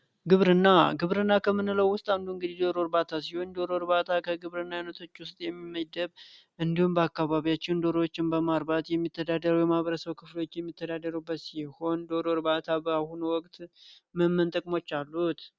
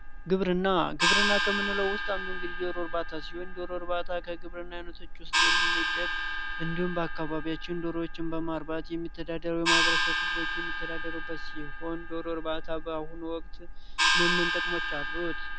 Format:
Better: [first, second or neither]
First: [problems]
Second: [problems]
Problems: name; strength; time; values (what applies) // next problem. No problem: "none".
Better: first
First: none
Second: background sound (Gong); 4 dB above the speech